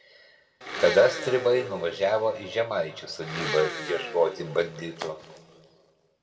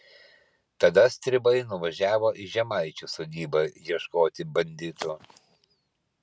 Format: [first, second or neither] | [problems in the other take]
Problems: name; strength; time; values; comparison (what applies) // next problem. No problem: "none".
second | background sound (Domestic sounds, home sounds); 10 dB below the speech // room echo; dies away in 1.8 s